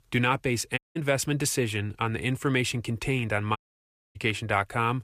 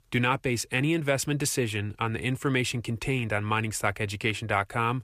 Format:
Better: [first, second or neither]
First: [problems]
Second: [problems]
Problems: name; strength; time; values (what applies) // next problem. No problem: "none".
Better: second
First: audio cutting out; at 1 s and at 3.5 s for 0.5 s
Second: none